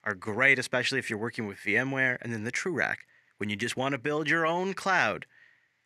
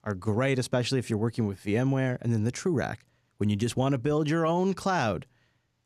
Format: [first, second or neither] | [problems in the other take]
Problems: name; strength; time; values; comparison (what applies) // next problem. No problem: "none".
second | thin; somewhat; fading below 350 Hz